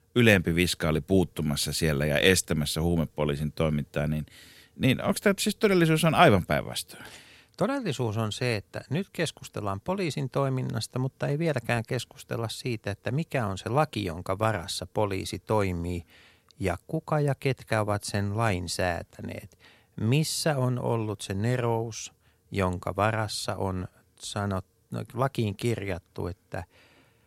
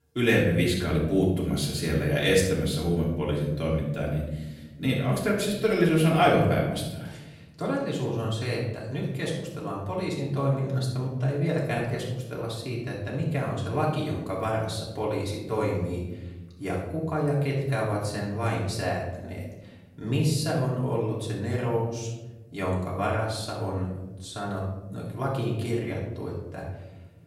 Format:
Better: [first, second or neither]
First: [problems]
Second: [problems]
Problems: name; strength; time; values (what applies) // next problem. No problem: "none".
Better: first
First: none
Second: off-mic speech; far // room echo; noticeable; dies away in 1.2 s